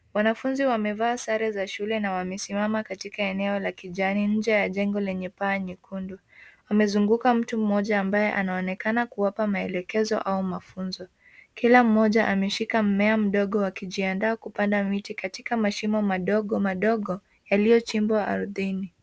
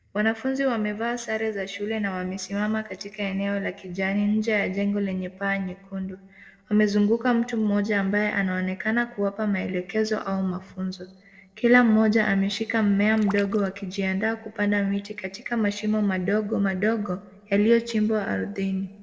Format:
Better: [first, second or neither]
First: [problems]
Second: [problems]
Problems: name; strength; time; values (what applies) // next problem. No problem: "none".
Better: first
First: none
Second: noise reduction (neural separator model SepFormer DNS4)